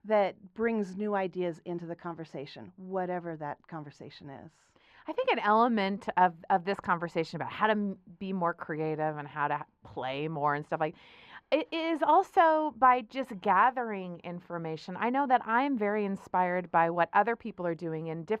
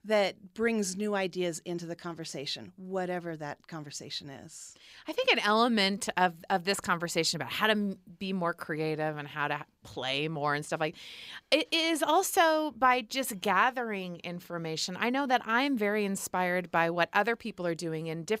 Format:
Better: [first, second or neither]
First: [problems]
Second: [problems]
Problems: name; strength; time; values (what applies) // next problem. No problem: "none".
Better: second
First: muffled; very; fading above 4 kHz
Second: none